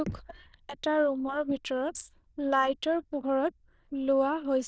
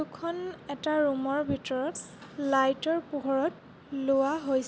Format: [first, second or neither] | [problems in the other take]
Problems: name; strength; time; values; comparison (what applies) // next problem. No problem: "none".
second | noise reduction (neural diffusion model UNIVERSE++)